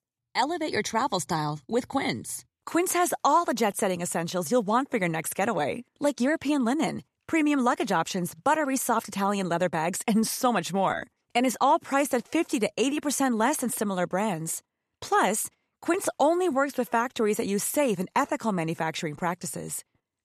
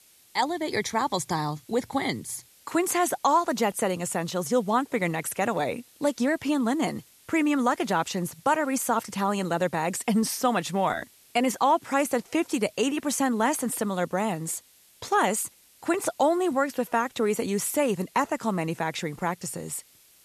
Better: first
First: none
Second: hiss; faint; throughout; 25 dB below the speech

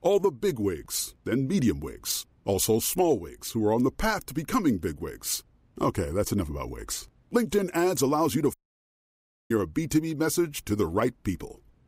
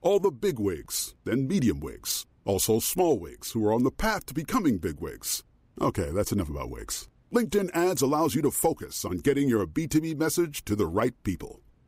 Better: second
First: audio cutting out; at 8.5 s for 1 s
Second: none

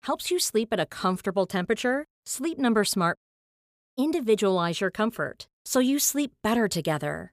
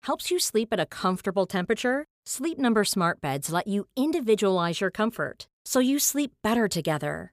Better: second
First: audio cutting out; at 3 s for 1 s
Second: none

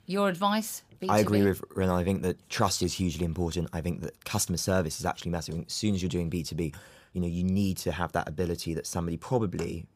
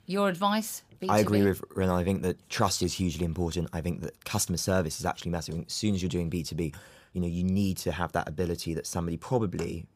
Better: neither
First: none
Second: none

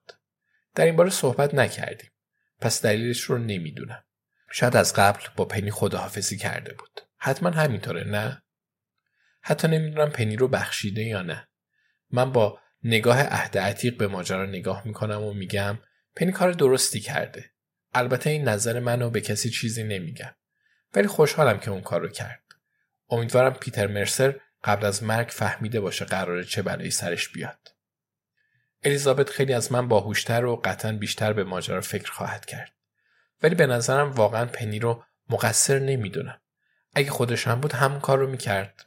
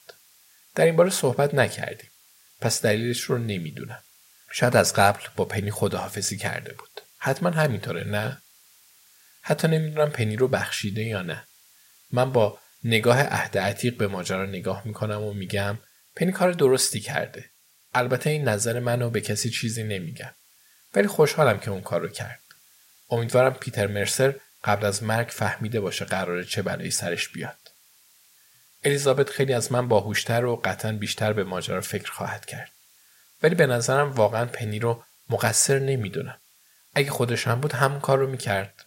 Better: first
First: none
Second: hiss; faint; throughout; 30 dB below the speech

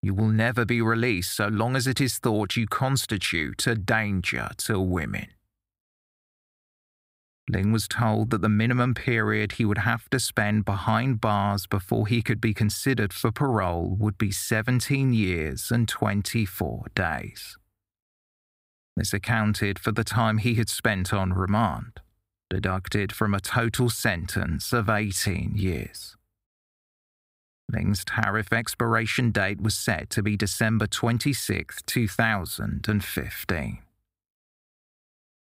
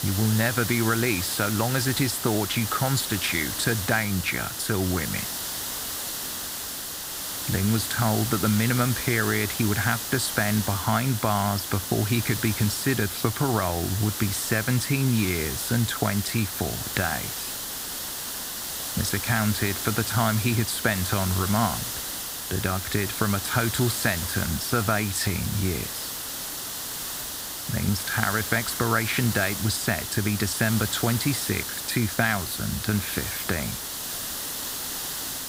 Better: first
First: none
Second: hiss; loud; throughout; 4 dB below the speech

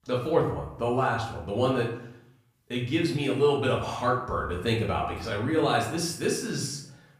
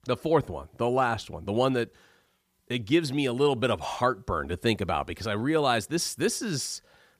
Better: second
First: room echo; noticeable; dies away in 0.6 s // off-mic speech; far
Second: none

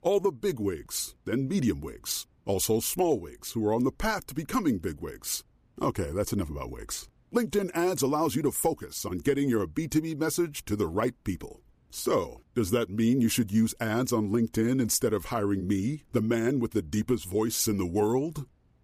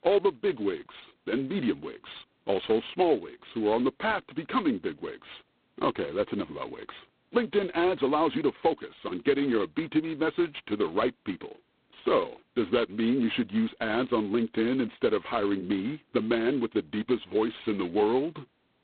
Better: first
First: none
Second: phone-call audio; poor line; nothing above 4 kHz

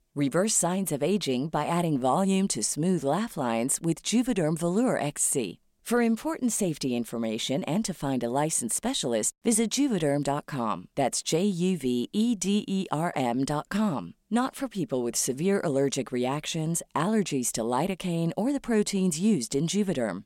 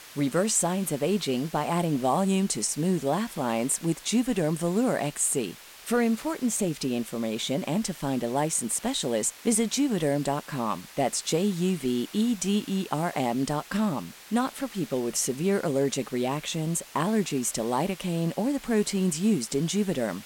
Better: first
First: none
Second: hiss; noticeable; throughout; 20 dB below the speech

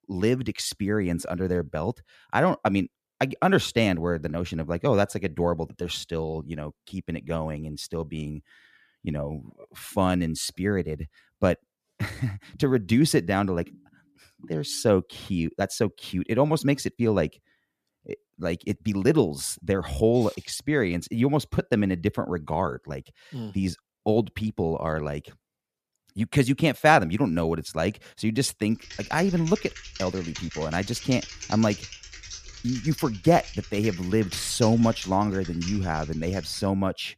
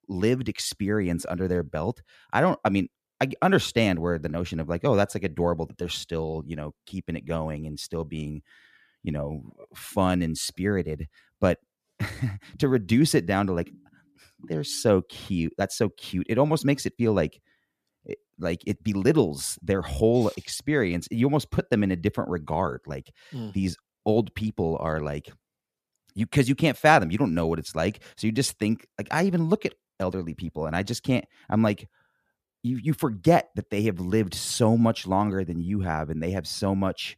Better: second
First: keyboard typing; noticeable; from 29 s on; peak 9 dB below the speech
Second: none

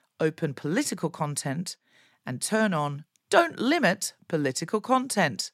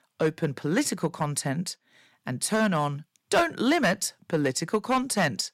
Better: first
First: none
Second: distortion; slight; 3% of the sound clipped

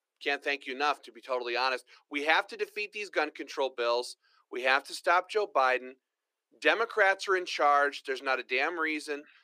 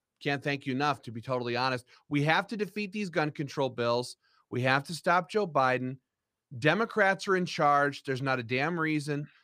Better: second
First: thin; very; fading below 350 Hz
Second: none

